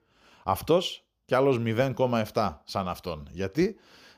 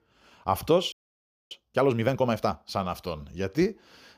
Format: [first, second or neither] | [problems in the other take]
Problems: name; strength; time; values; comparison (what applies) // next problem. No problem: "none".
first | audio freezing; at 1 s for 0.5 s